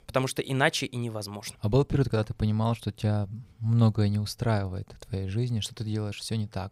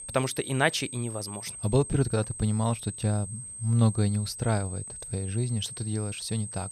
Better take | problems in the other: first | high-pitched whine; loud; throughout; 8.5 kHz, 9 dB below the speech

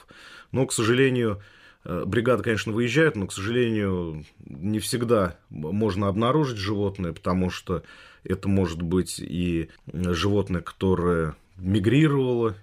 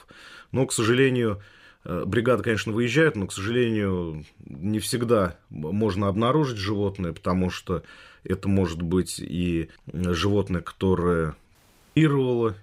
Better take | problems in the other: first | audio cutting out; at 12 s

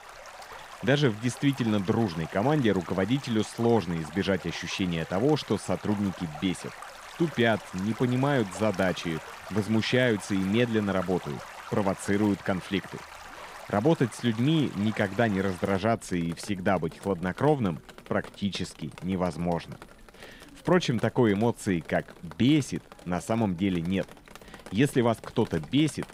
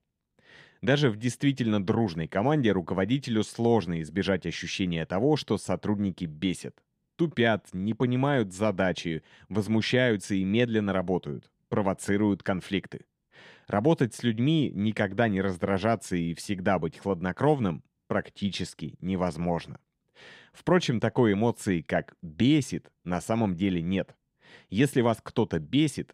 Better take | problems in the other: second | rain or running water; noticeable; throughout; 15 dB below the speech

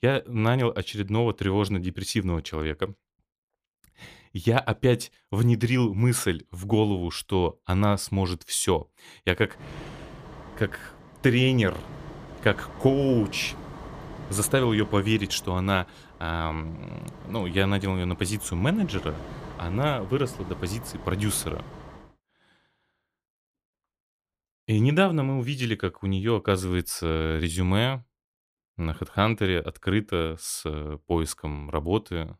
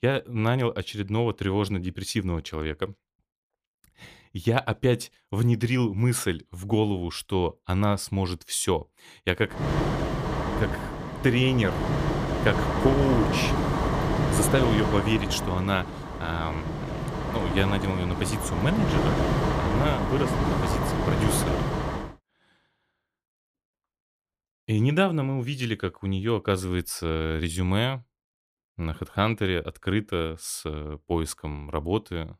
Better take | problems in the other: first | wind noise on the microphone; heavy; from 9.5 to 22 s; as loud as the speech; occasional gusts in the first

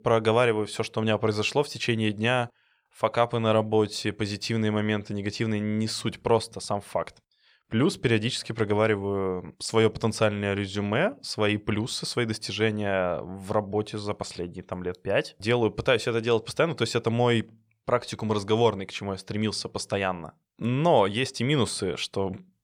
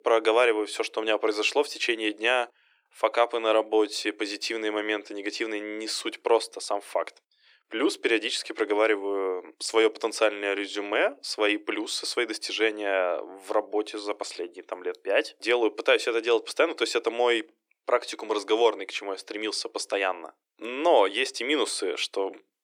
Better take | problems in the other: first | thin; very; fading below 300 Hz

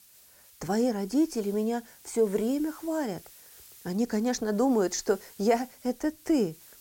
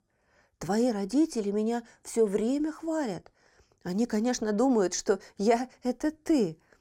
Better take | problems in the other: second | hiss; faint; throughout; 20 dB below the speech

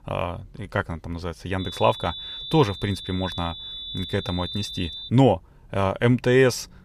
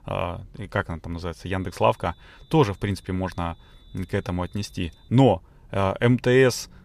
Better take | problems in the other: second | high-pitched whine; loud; from 1.5 to 5 s; 3.5 kHz, 9 dB below the speech; faint in the second

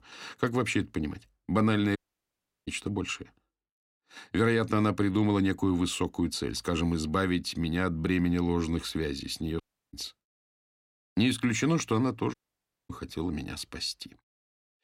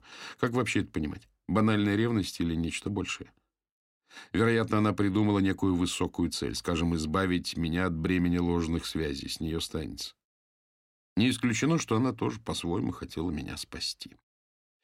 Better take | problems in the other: second | audio cutting out; at 2 s for 0.5 s, at 9.5 s and at 12 s for 0.5 s

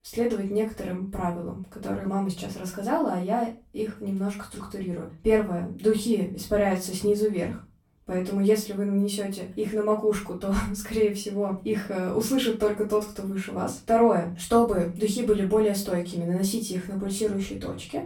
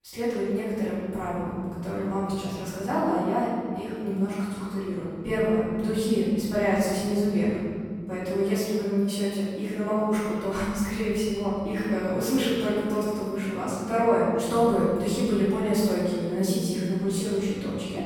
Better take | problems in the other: first | room echo; strong; dies away in 3 s; slight in the first // off-mic speech; far; far in the first

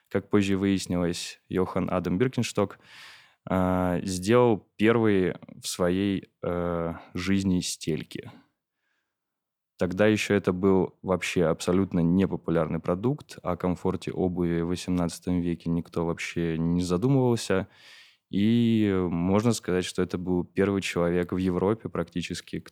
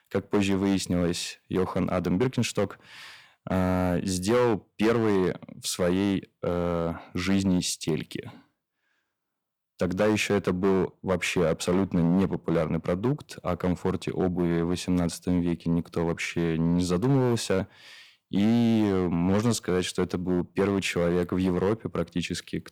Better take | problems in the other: first | distortion; slight; 7% of the sound clipped

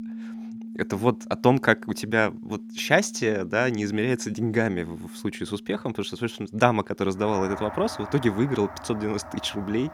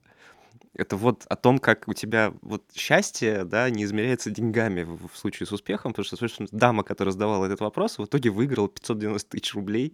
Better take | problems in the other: second | background music; noticeable; throughout; 15 dB below the speech

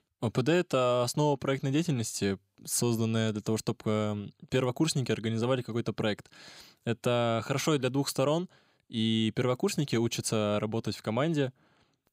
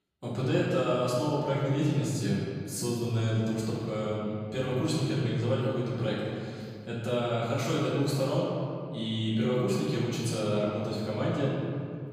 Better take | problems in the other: first | off-mic speech; far // room echo; strong; dies away in 2.3 s

